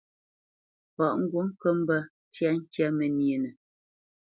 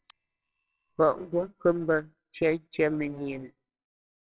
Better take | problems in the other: first | noise reduction (neural separator model SepFormer WHAMR!)

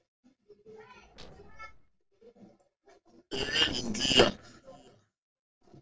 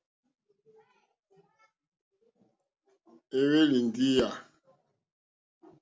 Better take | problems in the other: second | noise reduction (neural separator model SepFormer DNS4)

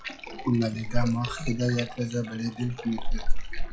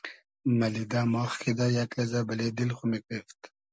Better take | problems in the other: second | noise reduction (classical method log-MMSE)

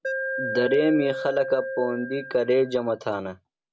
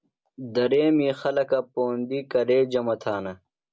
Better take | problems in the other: second | background sound (Alarm); 7 dB below the speech

